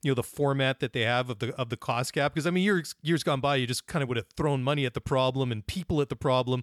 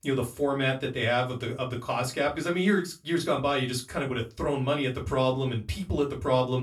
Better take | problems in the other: first | off-mic speech; far // room echo; very slight; dies away in 0.2 s

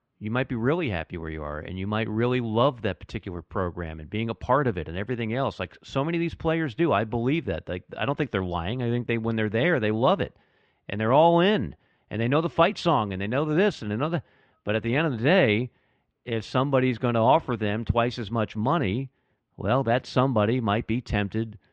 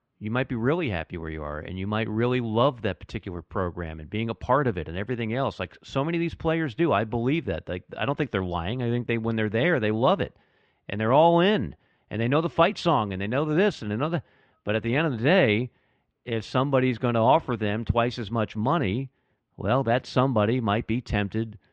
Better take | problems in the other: neither | muffled; slightly; fading above 2.5 kHz; the same in both

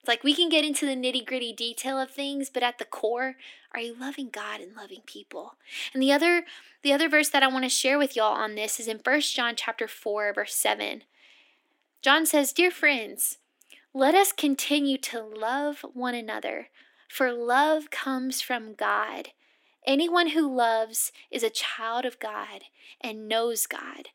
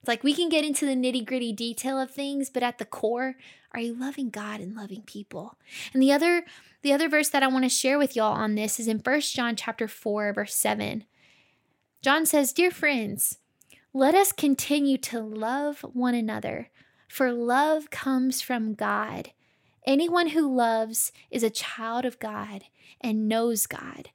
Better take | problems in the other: second | thin; very slightly; fading below 300 Hz

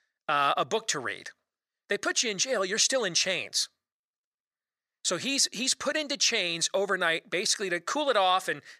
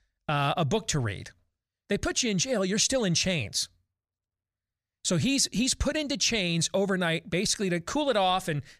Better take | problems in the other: second | thin; somewhat; fading below 400 Hz

